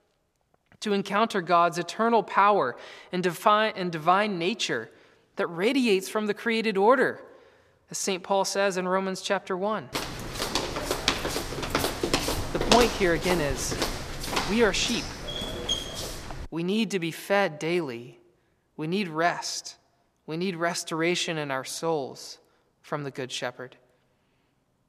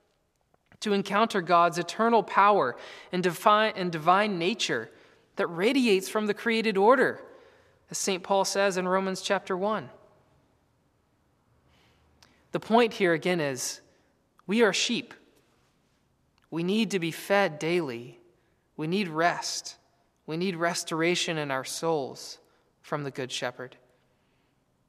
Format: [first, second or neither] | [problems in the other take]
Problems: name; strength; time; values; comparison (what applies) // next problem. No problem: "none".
second | footsteps; loud; from 10 to 16 s; peak 3 dB above the speech